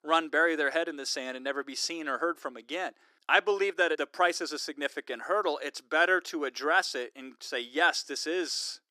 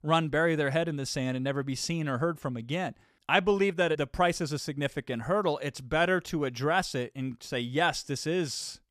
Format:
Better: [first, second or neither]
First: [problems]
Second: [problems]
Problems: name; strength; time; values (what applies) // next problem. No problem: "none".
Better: second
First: thin; somewhat; fading below 300 Hz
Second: none